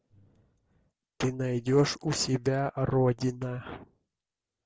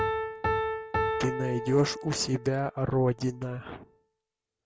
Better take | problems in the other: first | background sound (Piano); 4 dB below the speech

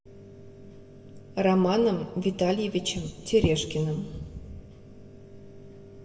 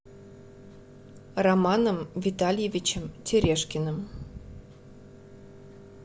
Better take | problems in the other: second | room echo; dies away in 1.1 s

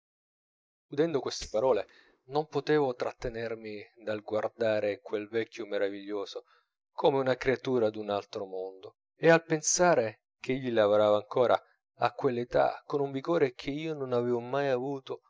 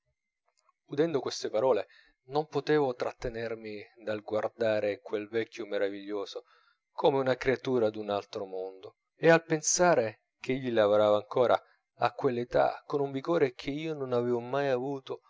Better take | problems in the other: second | noise reduction (neural mask model DeepFilterNet 3)

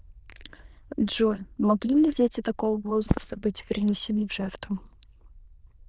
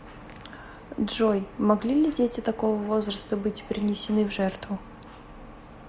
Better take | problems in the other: second | noise reduction (neural diffusion model UNIVERSE++)

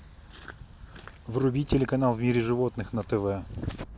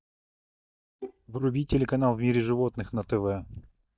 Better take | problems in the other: first | noise reduction (neural mask model DeepFilterNet 3)

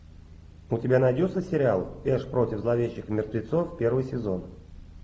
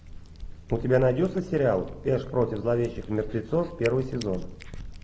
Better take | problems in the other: first | background sound (Cat); 13 dB below the speech

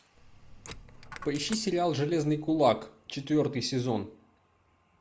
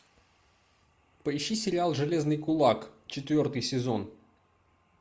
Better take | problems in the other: second | background sound (Coin (dropping)); 17 dB below the speech

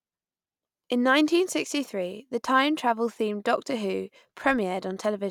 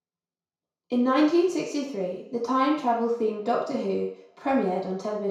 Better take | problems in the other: first | room echo; dies away in 0.6 s

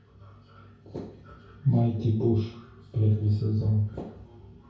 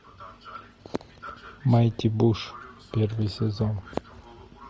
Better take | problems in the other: second | room echo; dies away in 0.6 s

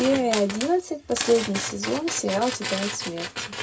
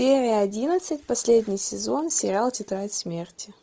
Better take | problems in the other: second | background sound (Tools); 7 dB below the speech // room echo; dies away in 0.2 s

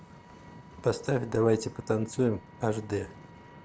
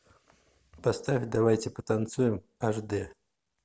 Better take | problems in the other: second | background sound (Vehicle); 19 dB below the speech

